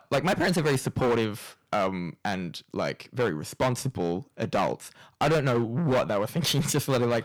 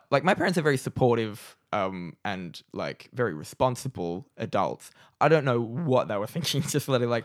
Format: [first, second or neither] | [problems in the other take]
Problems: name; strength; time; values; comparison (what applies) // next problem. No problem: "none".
second | distortion; heavy; 12% of the sound clipped